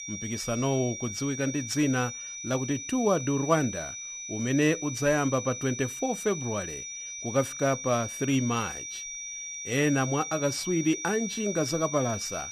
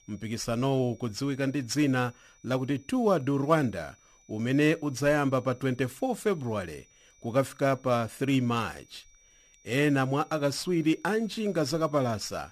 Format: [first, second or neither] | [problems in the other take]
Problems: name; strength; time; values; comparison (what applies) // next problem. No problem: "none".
second | high-pitched whine; loud; throughout; 6 kHz, 7 dB below the speech; faint in the second